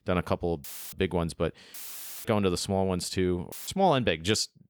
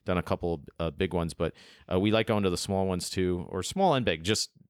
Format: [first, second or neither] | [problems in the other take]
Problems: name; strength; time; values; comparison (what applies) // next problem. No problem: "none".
second | audio cutting out; filled with static; at 0.5 s, at 1.5 s for 0.5 s and at 3.5 s